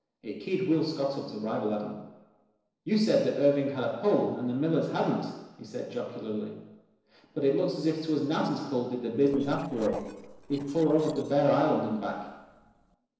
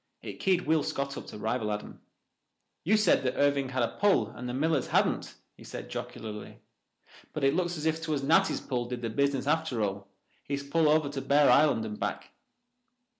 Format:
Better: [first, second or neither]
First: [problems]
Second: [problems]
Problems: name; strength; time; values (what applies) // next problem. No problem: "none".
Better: second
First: noise reduction (neural separator model SepFormer DNS4)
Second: none